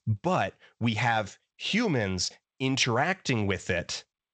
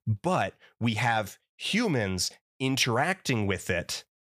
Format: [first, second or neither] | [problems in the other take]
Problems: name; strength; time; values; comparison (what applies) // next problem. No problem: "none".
second | garbled, watery; slightly; nothing above 7.5 kHz